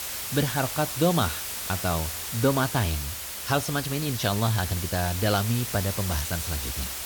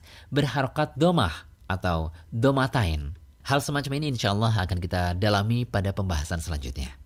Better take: second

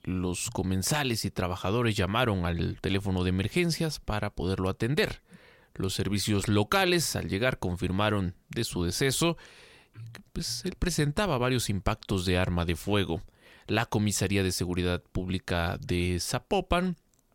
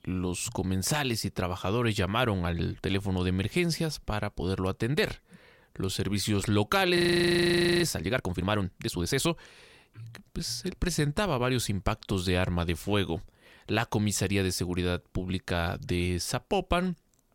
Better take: first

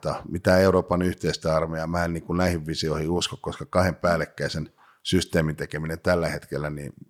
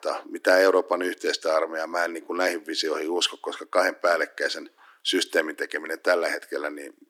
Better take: first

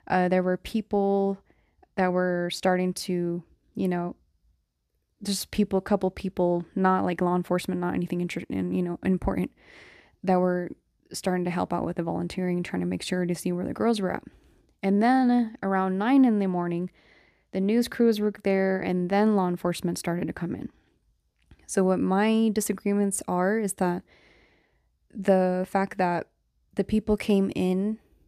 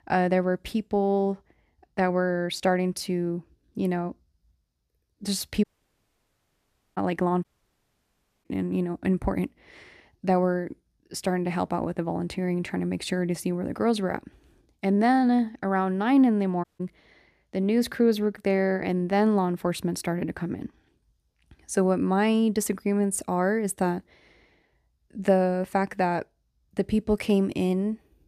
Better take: first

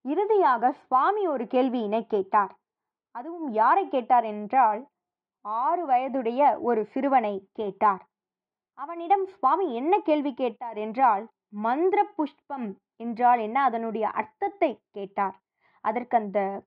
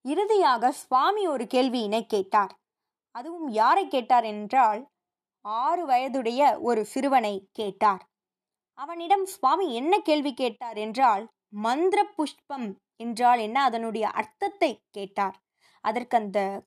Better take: second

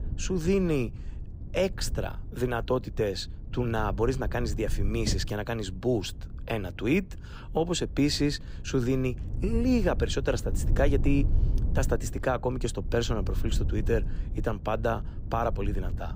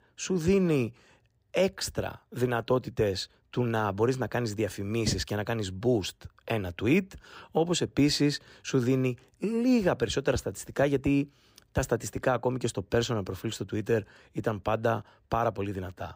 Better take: second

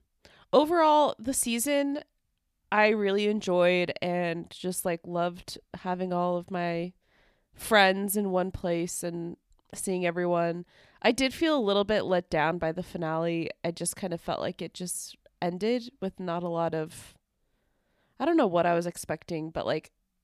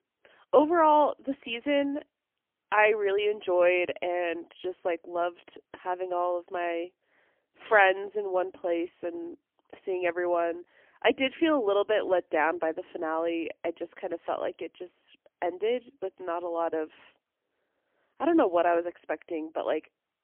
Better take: first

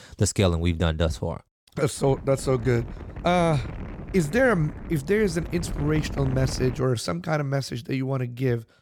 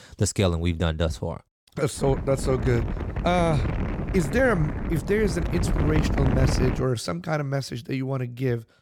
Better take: first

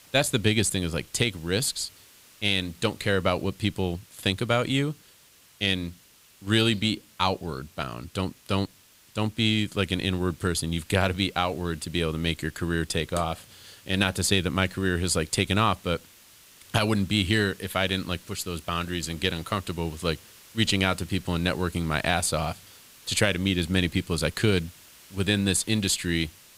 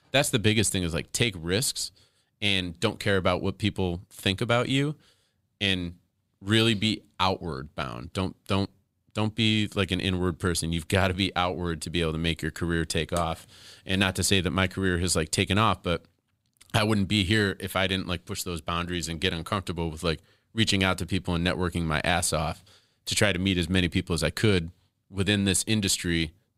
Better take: second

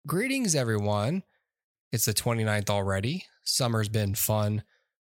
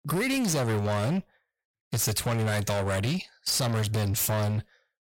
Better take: first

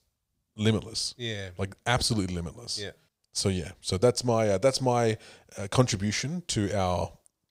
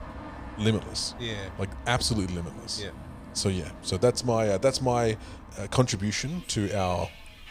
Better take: first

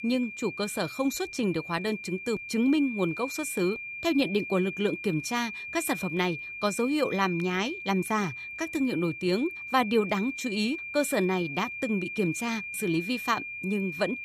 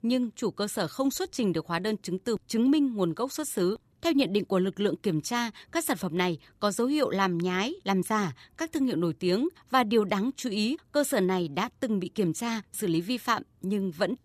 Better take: second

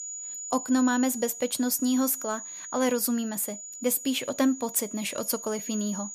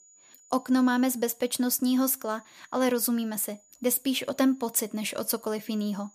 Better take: second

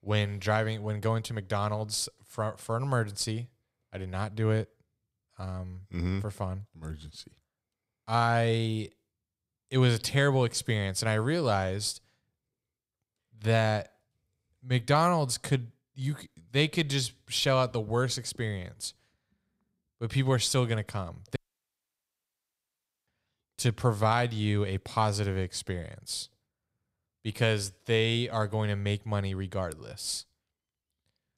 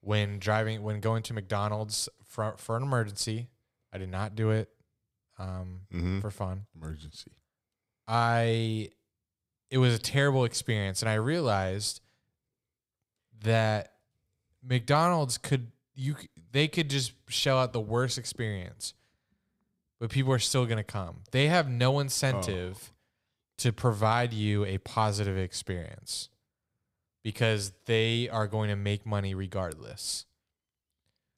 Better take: second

